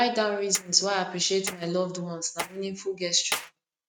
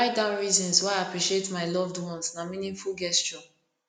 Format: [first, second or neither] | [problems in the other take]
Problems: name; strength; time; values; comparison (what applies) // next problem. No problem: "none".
second | noise reduction (neural mask model RNNoise)